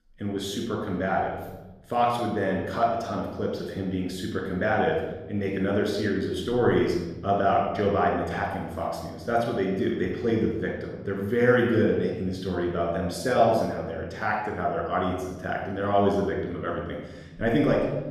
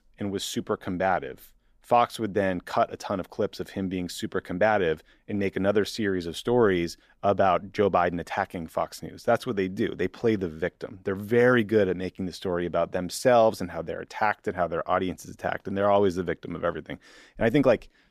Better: second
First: off-mic speech; somewhat distant // room echo; noticeable; dies away in 1.3 s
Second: none

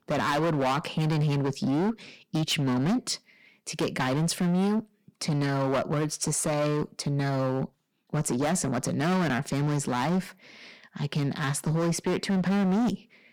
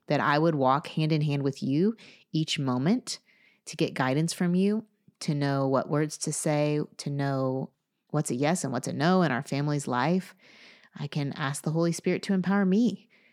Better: second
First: distortion; heavy; 20% of the sound clipped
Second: none

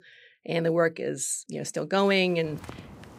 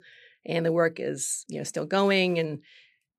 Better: second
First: footsteps; faint; at 2.5 s; peak 15 dB below the speech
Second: none

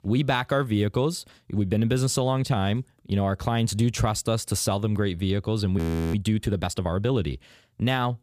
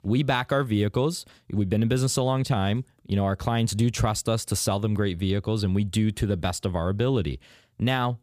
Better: second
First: audio freezing; at 6 s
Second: none

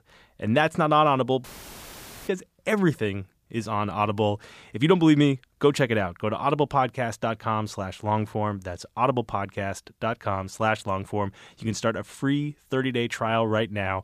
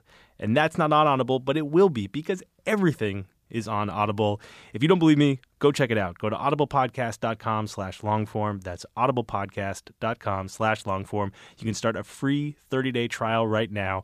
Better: second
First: audio cutting out; filled with static; at 1.5 s for 1 s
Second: none

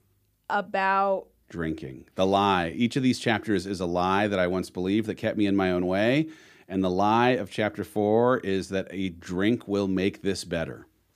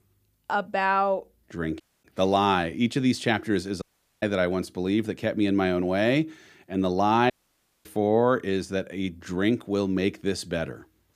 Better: first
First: none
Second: audio cutting out; at 2 s, at 4 s and at 7.5 s for 0.5 s

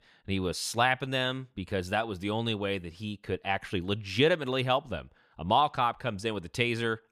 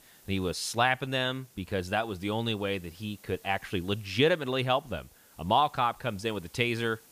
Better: first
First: none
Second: hiss; faint; throughout; 25 dB below the speech

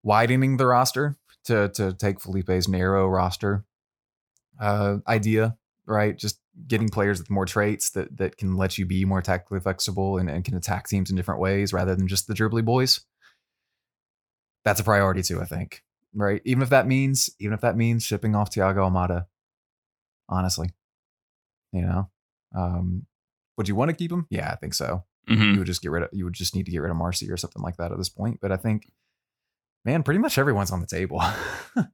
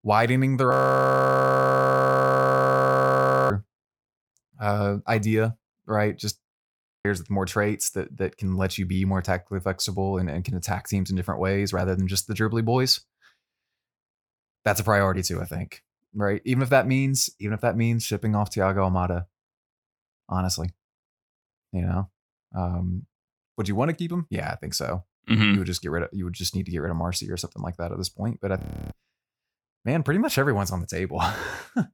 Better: first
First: none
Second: audio freezing; at 0.5 s for 3 s, at 6.5 s for 0.5 s and at 29 s

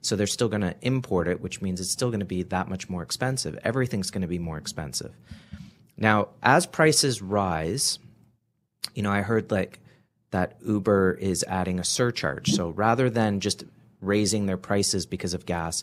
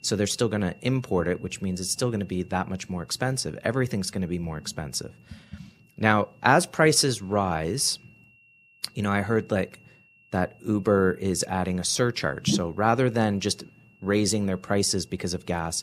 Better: first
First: none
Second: high-pitched whine; faint; throughout; 2.5 kHz, 30 dB below the speech

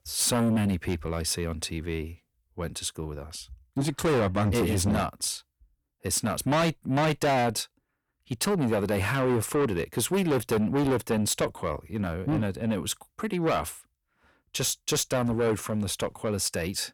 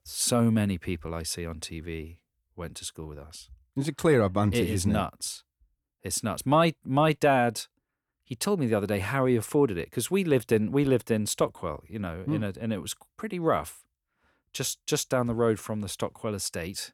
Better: second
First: distortion; heavy; 6 dB below the speech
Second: none

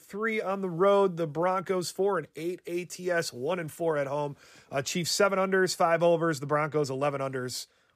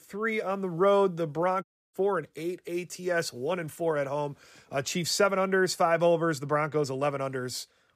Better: first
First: none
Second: audio cutting out; at 1.5 s

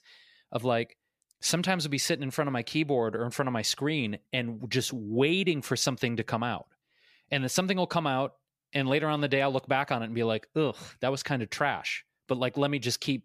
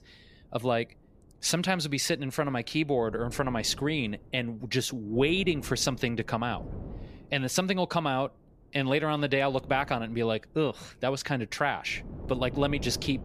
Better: first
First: none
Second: wind noise on the microphone; occasional gusts; 20 dB below the speech

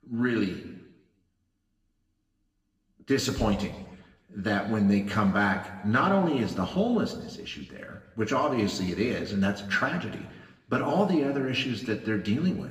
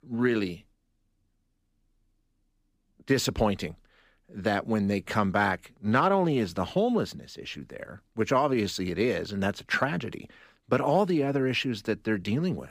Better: second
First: room echo; slight; dies away in 0.9 s // off-mic speech; somewhat distant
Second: none

